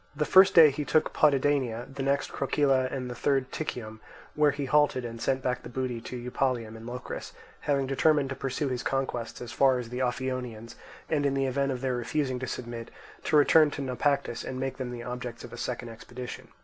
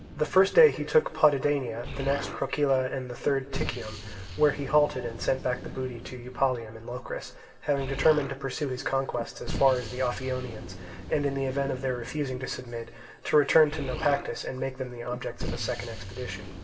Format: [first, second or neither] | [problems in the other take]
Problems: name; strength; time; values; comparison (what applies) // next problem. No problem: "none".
first | background sound (Explosion); 11 dB below the speech // room echo; dies away in 2 s